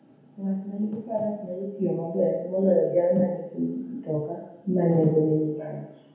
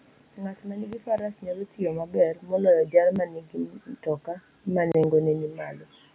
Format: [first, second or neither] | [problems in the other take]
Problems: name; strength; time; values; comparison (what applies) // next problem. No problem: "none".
second | room echo; dies away in 1 s